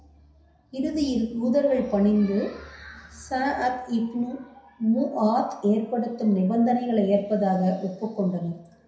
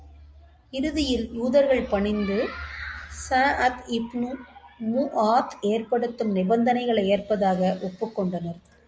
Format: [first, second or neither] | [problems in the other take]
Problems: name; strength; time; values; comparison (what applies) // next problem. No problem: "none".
second | room echo; dies away in 0.6 s